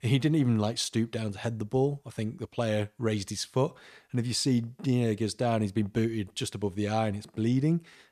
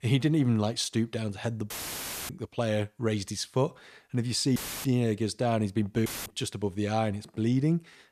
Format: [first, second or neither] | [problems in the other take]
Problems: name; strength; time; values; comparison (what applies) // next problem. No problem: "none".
first | audio cutting out; filled with static; at 1.5 s for 0.5 s, at 4.5 s and at 6 s